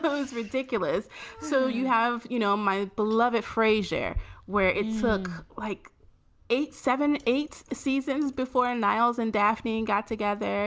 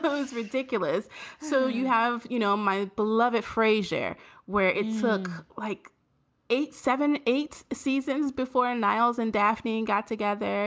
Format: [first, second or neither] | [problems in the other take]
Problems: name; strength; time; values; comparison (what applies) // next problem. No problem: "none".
second | background sound (Bicycle); 20 dB below the speech